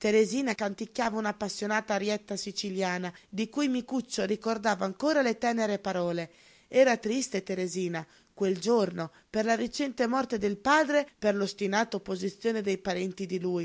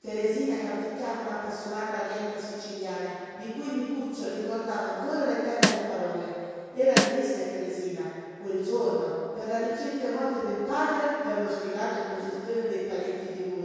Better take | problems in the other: first | background sound (Snare drum); 4 dB above the speech // room echo; dies away in 2.2 s

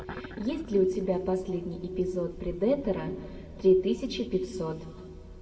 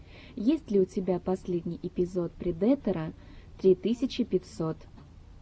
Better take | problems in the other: second | background sound (Glass); 16 dB below the speech // room echo; dies away in 1.9 s

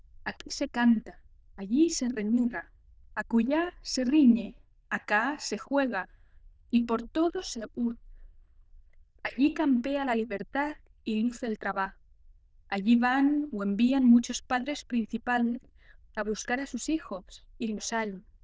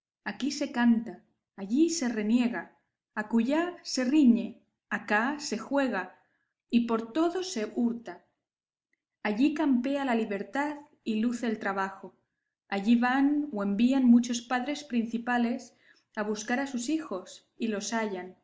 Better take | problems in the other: second | noise reduction (neural diffusion model UNIVERSE++)

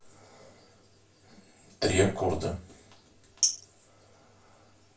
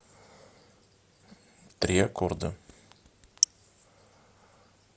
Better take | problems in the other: second | room echo; dies away in 0.3 s

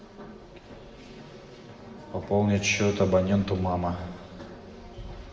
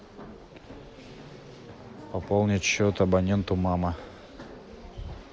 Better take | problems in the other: second | room echo; dies away in 1.2 s

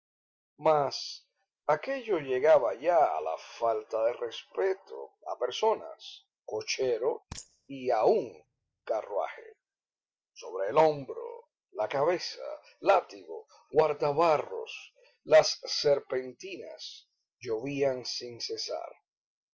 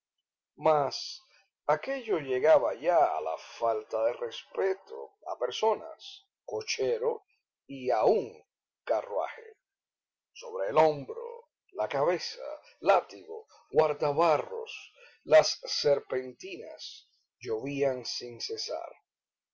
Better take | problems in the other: second | noise reduction (neural mask model DeepFilterNet 3)

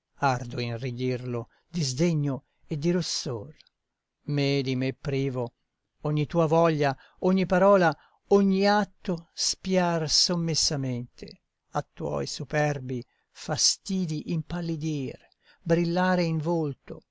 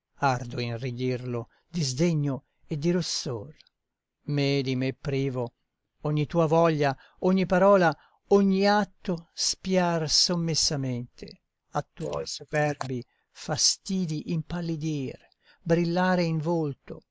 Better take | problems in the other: first | noise reduction (neural mask model Resemble Enhance denoiser)

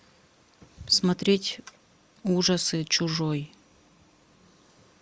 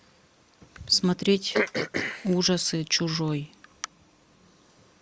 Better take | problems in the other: first | background sound (Cough); 5 dB below the speech

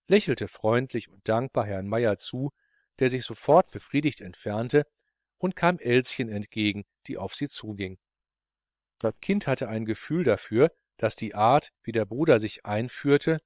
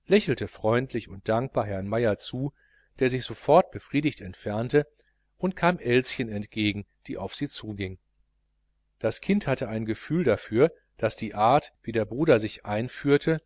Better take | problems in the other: second | noise reduction (neural separator model SepFormer WHAM!)

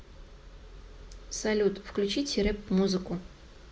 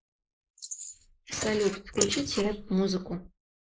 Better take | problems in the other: first | noise reduction (neural mask model Resemble Enhance denoiser)

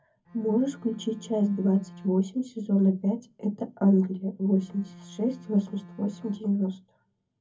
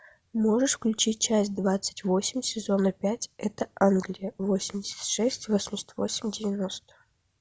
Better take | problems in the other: second | background sound (Bowed string instrument); 20 dB below the speech // room echo; dies away in 0.3 s

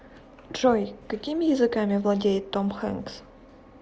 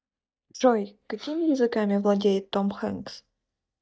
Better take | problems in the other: first | noise reduction (neural mask model DeepFilterNet 3)

